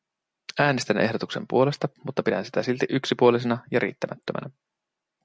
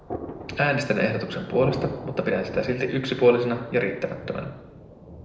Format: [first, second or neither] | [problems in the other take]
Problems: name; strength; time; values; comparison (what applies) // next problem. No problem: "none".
first | background sound (Thunder); 13 dB below the speech // room echo; dies away in 0.8 s